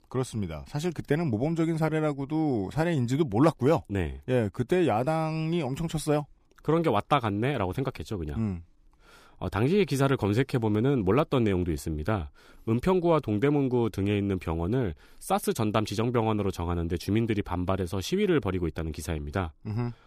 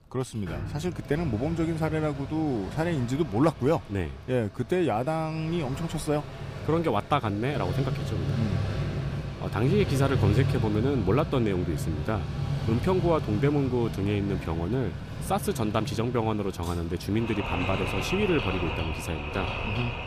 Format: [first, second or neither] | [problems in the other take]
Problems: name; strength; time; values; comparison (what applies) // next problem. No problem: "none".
first | machinery noise; loud; throughout; 4 dB below the speech